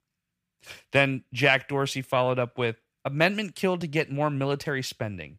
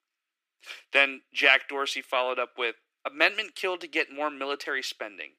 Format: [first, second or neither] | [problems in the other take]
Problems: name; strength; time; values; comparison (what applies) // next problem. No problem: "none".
first | thin; somewhat; fading below 300 Hz